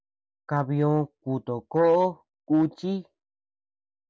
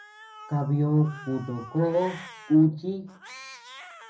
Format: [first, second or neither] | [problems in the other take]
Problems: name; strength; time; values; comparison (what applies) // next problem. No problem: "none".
first | background sound (Cat); 19 dB below the speech // room echo; dies away in 0.4 s